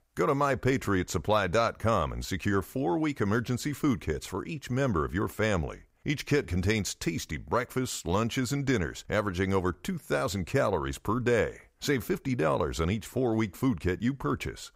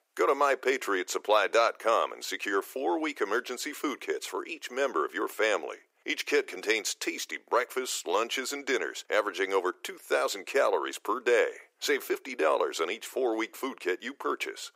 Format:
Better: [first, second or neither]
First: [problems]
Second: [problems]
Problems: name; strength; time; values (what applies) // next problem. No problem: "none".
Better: first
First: none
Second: thin; very; fading below 350 Hz